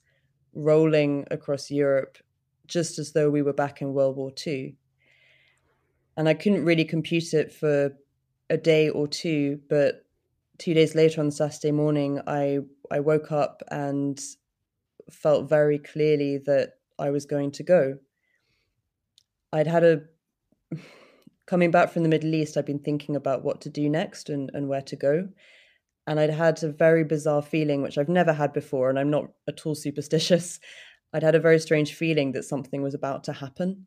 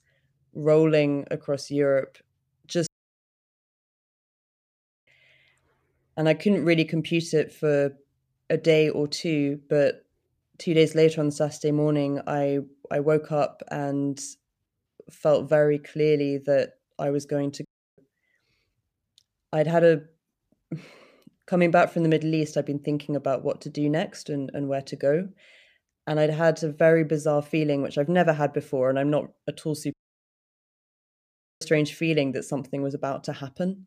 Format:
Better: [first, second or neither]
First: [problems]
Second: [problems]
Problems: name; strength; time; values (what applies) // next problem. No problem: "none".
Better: first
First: none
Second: audio cutting out; at 3 s for 2 s, at 18 s and at 30 s for 1.5 s